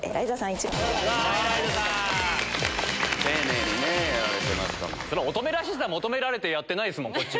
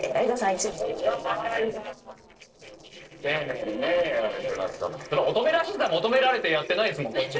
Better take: first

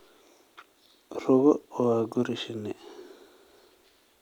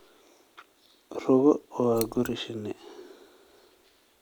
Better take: first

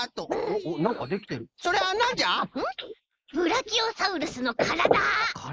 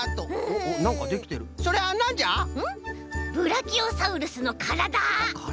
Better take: second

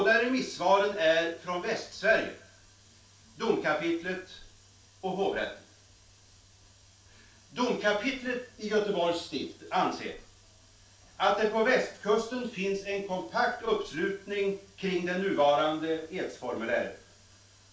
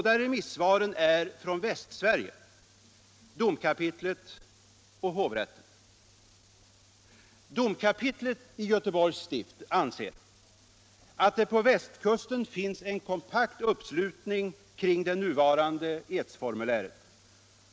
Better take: second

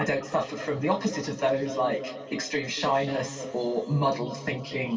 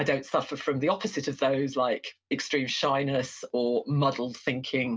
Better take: second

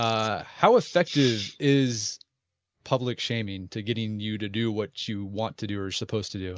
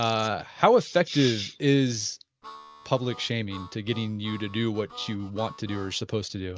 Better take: first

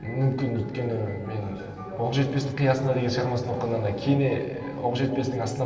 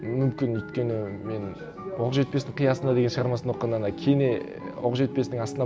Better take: second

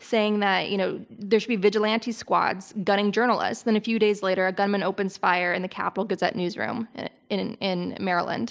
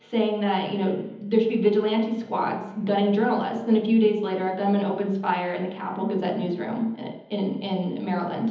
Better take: first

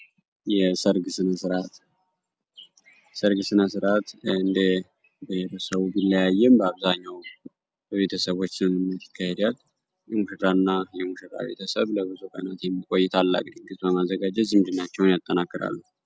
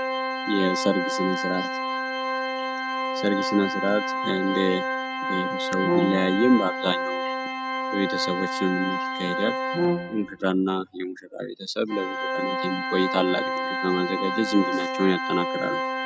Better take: first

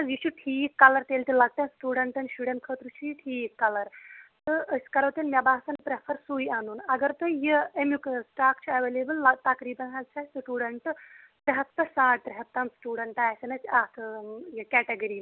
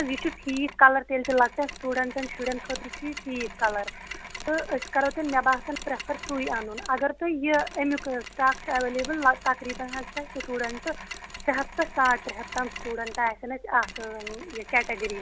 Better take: first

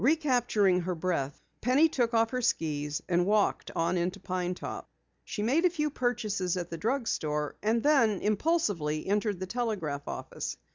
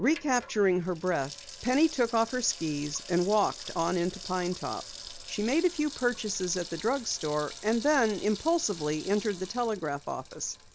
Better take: first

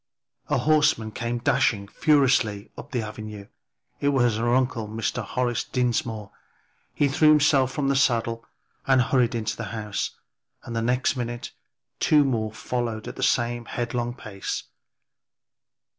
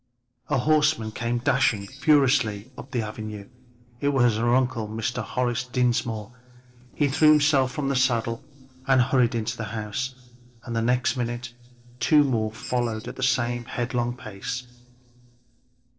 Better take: first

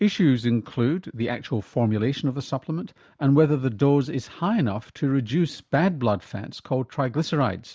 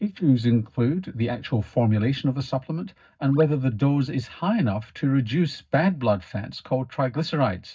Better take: first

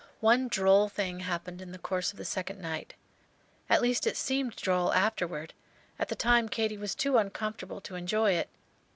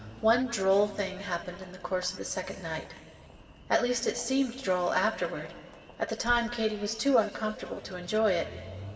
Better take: first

